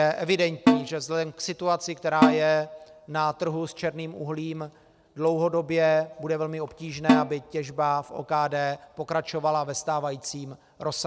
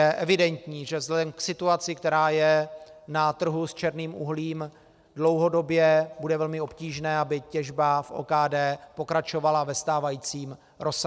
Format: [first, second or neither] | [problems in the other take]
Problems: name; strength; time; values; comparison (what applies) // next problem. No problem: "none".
second | background sound (Snare drum); 1 dB above the speech